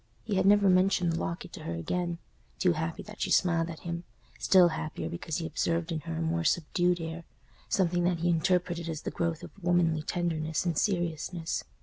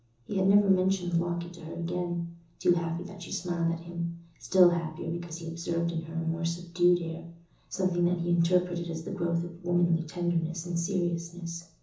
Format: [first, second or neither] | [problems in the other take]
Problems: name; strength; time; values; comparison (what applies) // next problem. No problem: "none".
first | room echo; dies away in 0.7 s